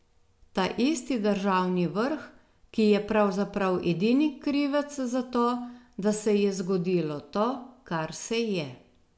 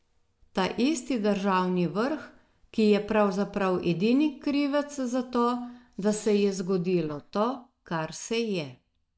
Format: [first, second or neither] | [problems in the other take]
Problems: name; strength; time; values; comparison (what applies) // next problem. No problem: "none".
first | noise reduction (neural mask model DeepFilterNet 3)